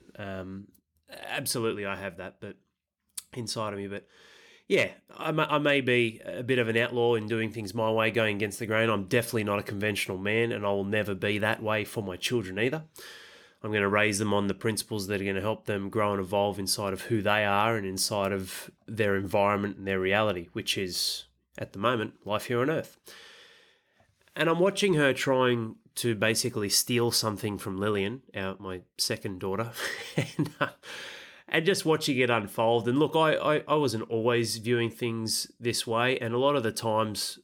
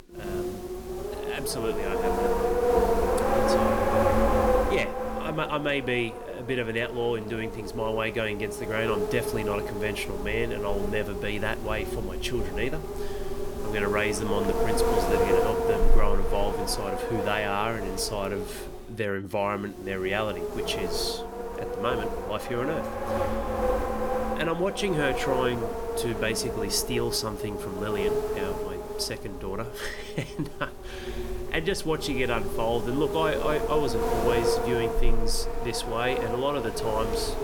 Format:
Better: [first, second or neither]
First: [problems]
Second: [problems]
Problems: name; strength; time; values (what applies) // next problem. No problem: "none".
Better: first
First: none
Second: wind noise on the microphone; heavy; as loud as the speech